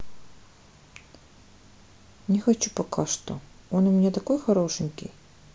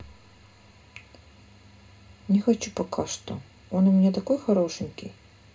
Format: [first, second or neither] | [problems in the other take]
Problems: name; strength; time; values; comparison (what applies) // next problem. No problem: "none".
first | room echo; dies away in 0.2 s